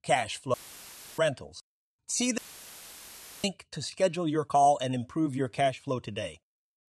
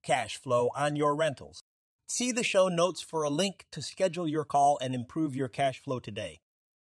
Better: second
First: audio cutting out; filled with static; at 0.5 s for 0.5 s and at 2.5 s for 1 s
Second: none

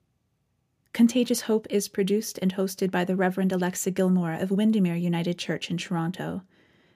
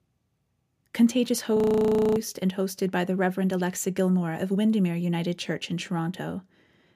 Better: first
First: none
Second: audio freezing; at 1.5 s for 0.5 s

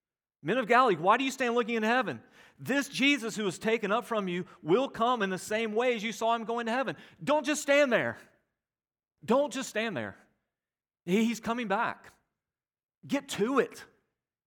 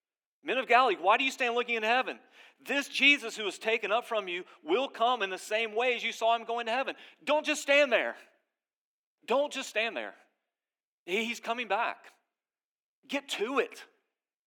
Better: first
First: none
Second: thin; somewhat; fading below 250 Hz

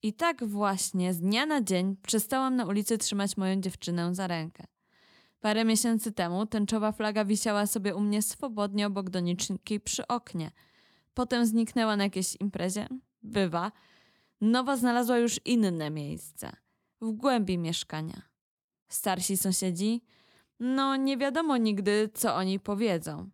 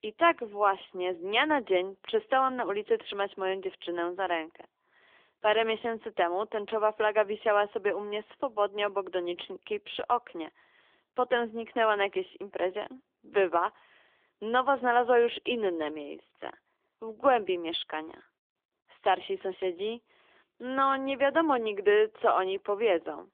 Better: first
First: none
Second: phone-call audio; nothing above 3.5 kHz

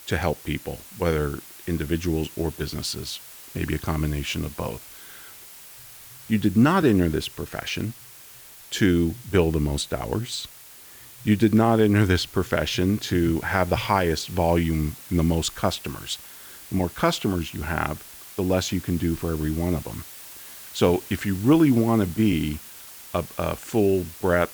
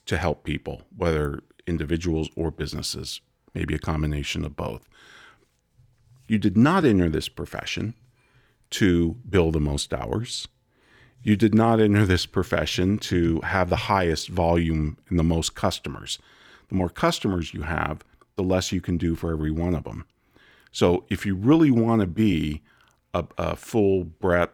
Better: second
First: hiss; noticeable; throughout; 15 dB below the speech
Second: none

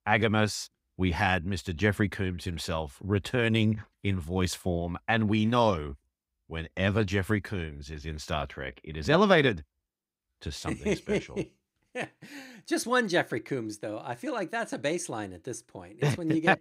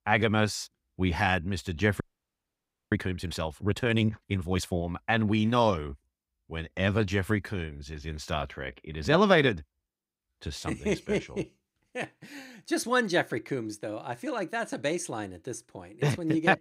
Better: first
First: none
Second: audio freezing; at 2 s for 1 s

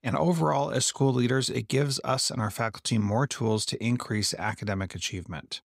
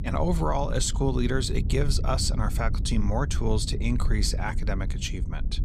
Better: first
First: none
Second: low rumble; noticeable; throughout; 15 dB below the speech

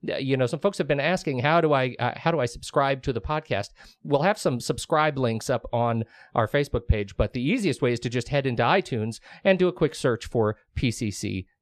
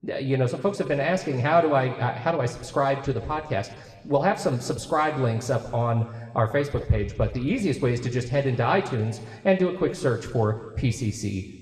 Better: first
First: none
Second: room echo; slight; dies away in 1.3 s

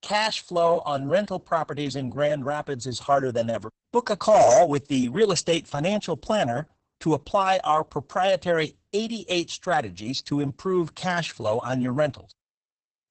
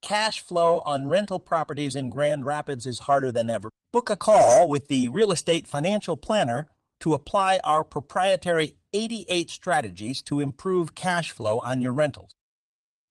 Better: second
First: garbled, watery; badly; nothing above 8 kHz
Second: garbled, watery; slightly

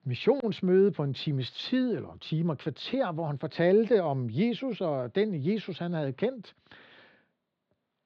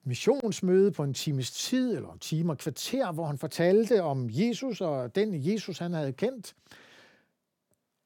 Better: second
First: muffled; slightly; fading above 4 kHz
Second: none

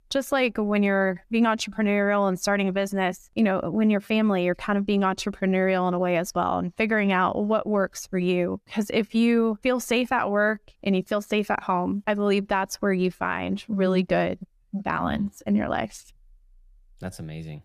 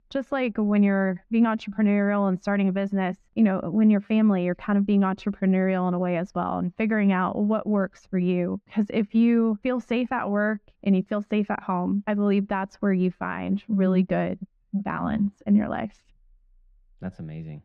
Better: first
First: none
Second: muffled; slightly; fading above 2.5 kHz

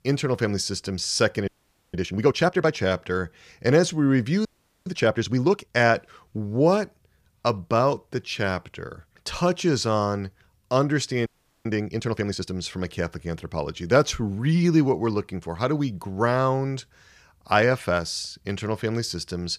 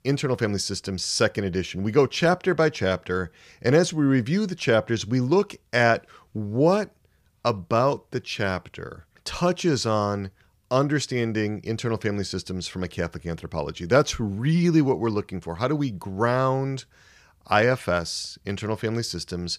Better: second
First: audio freezing; at 1.5 s, at 4.5 s and at 11 s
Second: none

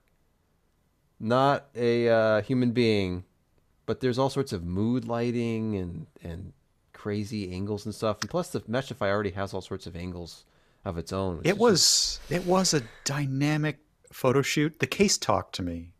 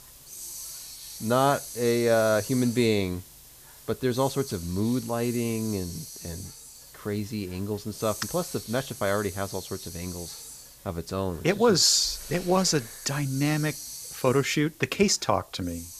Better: first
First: none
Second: hiss; noticeable; throughout; 15 dB below the speech

